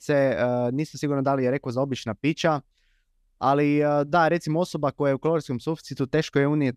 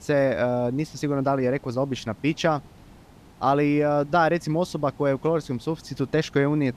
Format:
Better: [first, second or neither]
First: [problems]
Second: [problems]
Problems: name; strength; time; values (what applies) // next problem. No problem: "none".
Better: first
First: none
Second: hiss; faint; throughout; 25 dB below the speech